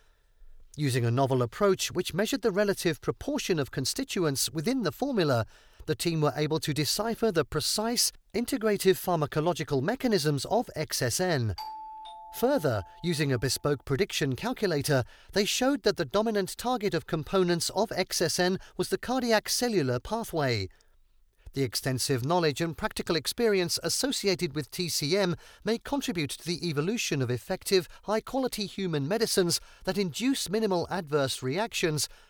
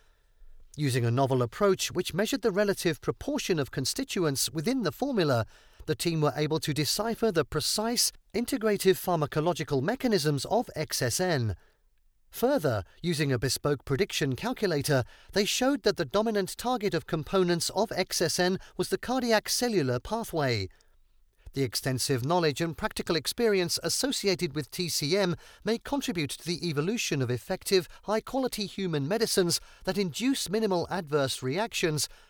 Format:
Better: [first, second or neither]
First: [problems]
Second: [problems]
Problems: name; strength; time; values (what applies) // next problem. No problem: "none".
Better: second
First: doorbell; faint; from 12 to 13 s; peak 10 dB below the speech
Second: none